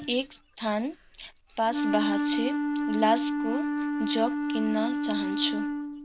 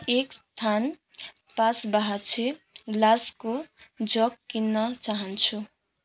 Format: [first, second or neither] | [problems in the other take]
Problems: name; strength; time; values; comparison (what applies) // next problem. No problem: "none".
second | background sound (Wind instrument, woodwind instrument); 1 dB above the speech